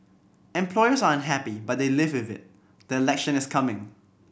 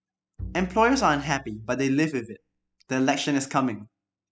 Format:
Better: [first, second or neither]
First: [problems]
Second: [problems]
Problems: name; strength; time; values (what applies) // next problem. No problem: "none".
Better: first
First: none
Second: noise reduction (classical method spectral subtraction)